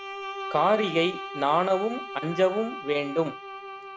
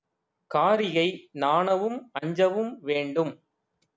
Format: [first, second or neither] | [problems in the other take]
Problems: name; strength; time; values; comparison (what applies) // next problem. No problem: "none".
second | background sound (Bowed string instrument); 10 dB below the speech